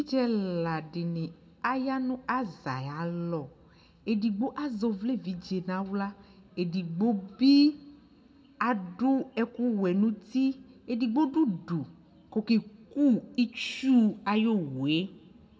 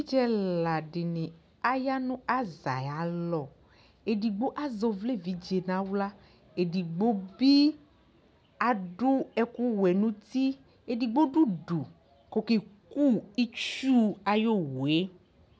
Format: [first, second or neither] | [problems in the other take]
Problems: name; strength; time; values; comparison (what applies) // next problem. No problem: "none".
second | room echo; dies away in 0.5 s